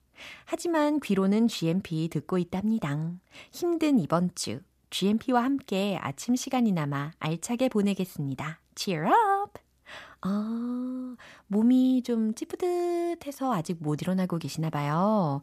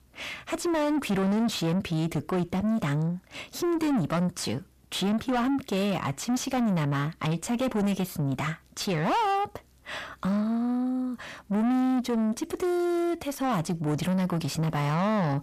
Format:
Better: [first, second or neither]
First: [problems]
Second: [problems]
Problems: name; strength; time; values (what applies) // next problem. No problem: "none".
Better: first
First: none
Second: distortion; heavy; 7 dB below the speech